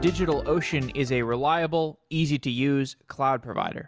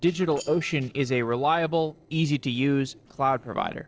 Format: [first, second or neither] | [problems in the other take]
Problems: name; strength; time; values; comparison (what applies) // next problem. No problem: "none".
first | noise reduction (neural separator model SepFormer DNS4)